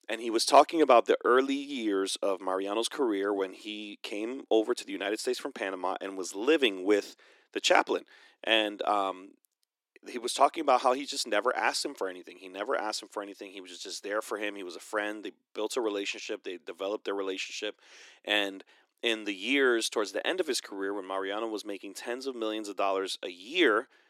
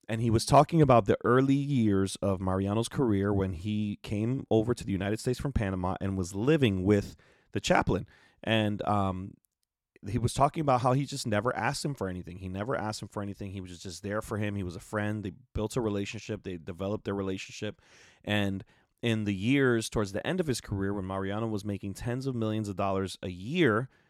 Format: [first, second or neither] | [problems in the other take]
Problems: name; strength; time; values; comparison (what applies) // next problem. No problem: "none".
second | thin; somewhat; fading below 300 Hz